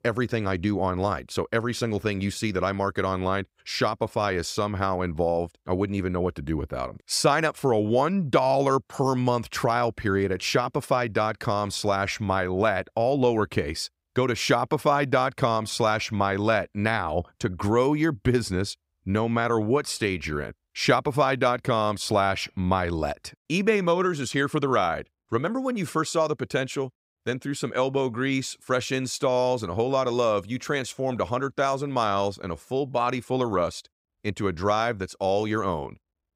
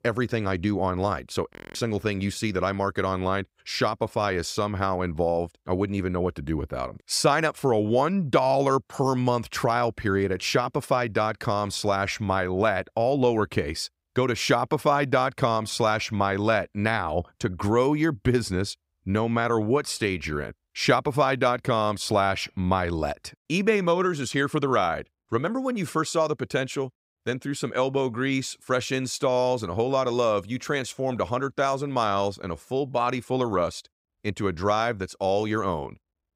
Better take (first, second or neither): first